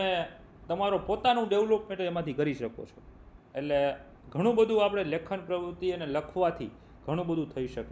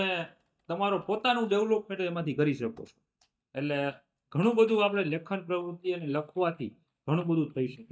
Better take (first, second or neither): first